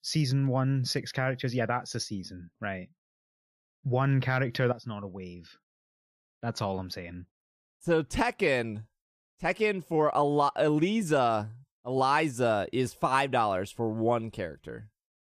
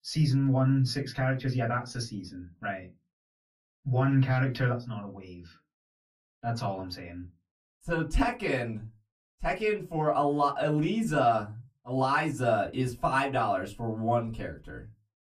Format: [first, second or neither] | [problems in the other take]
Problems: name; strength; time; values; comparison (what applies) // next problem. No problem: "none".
first | off-mic speech; far // room echo; very slight; dies away in 0.2 s